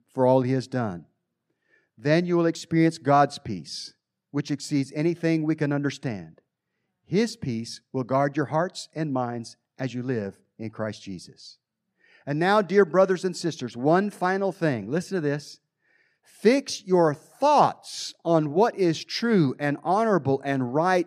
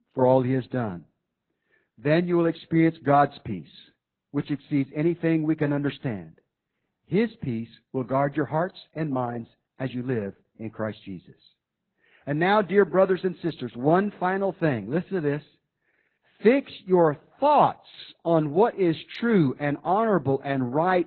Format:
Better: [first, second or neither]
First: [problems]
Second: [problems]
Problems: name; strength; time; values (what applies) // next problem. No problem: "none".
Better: first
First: none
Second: garbled, watery; badly; nothing above 4 kHz